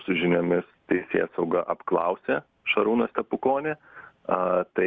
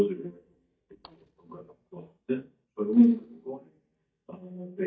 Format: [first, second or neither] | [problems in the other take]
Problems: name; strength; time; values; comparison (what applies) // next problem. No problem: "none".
first | noise reduction (neural mask model DeepFilterNet 3)